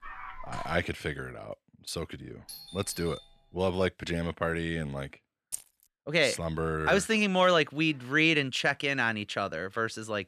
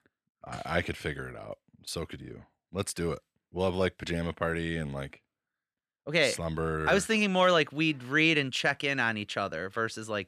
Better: second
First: dog barking; faint; at the start; peak 15 dB below the speech // doorbell; faint; from 2.5 to 3.5 s; peak 15 dB below the speech // jangling keys; faint; at 5.5 s; peak 10 dB below the speech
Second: none

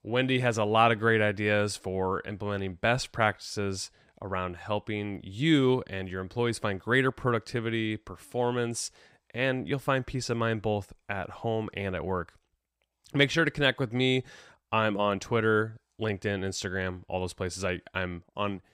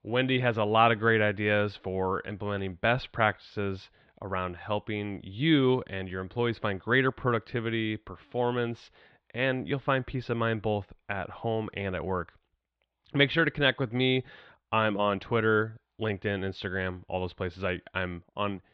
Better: first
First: none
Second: muffled; very; fading above 3.5 kHz

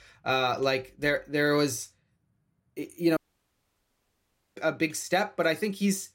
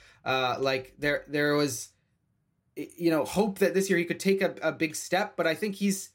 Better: second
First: audio cutting out; at 3 s for 1.5 s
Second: none

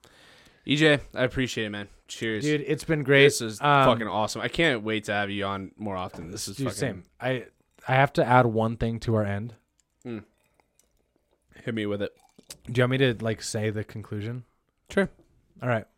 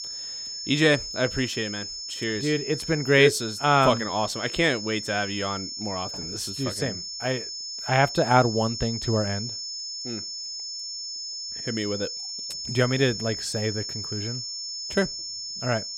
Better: first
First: none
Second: high-pitched whine; loud; throughout; 5.5 kHz, 6 dB below the speech

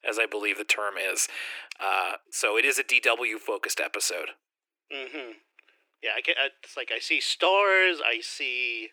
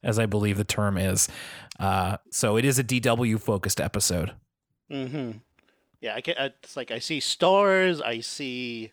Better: second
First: thin; very; fading below 300 Hz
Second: none

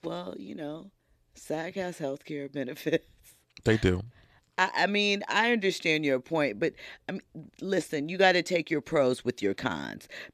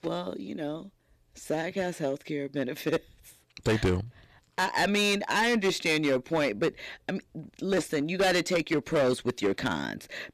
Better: first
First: none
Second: distortion; heavy; 8% of the sound clipped

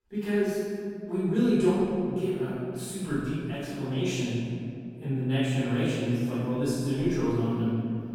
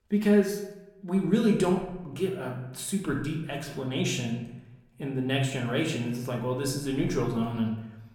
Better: second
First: room echo; strong; dies away in 2.2 s // off-mic speech; far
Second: room echo; slight; dies away in 0.7 s // off-mic speech; somewhat distant

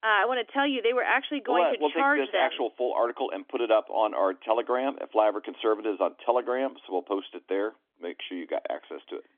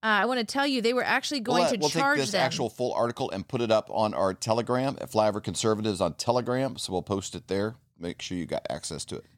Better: second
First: phone-call audio; nothing above 3.5 kHz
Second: none

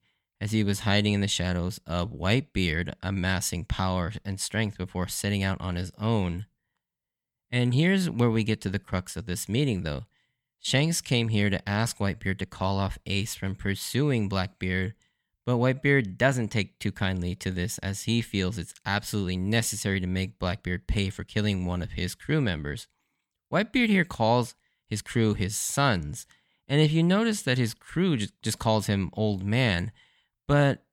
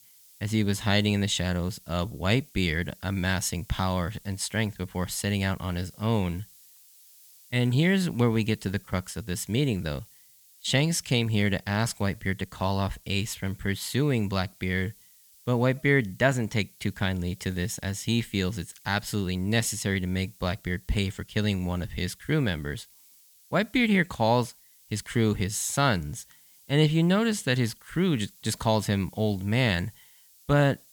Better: first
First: none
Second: hiss; faint; throughout; 25 dB below the speech

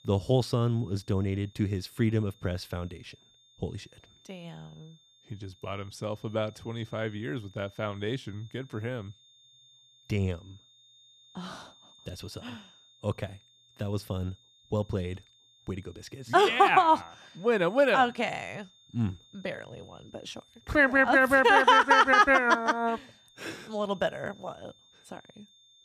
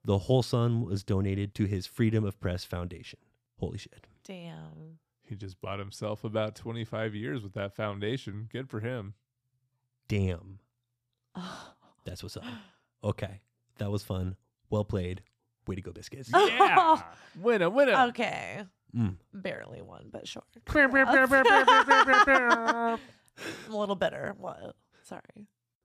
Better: second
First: high-pitched whine; faint; throughout; 3.5 kHz, 30 dB below the speech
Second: none

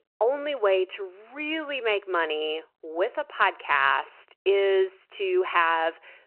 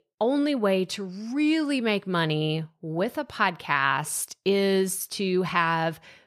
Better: second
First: phone-call audio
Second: none

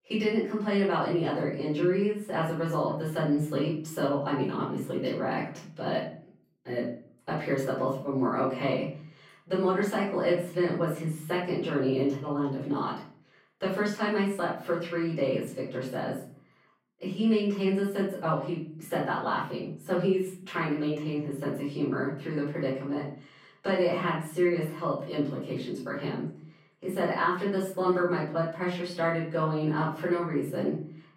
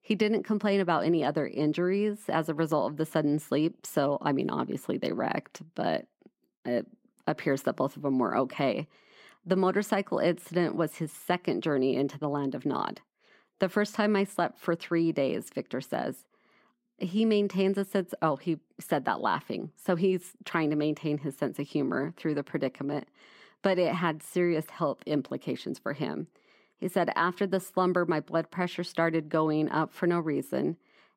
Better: second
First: off-mic speech; far // room echo; noticeable; dies away in 0.5 s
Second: none

